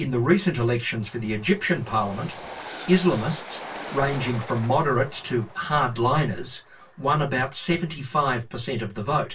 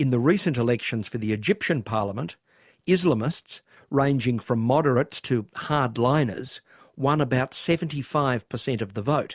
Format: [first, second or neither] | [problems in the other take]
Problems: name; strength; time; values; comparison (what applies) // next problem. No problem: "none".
second | background sound (Train); 17 dB below the speech // room echo; dies away in 0.2 s